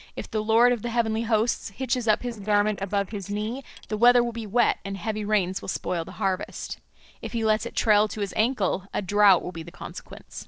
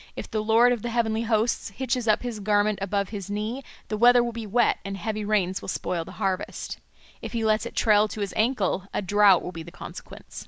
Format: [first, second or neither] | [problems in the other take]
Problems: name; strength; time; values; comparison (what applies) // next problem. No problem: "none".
second | noise reduction (neural separator model SepFormer DNS4)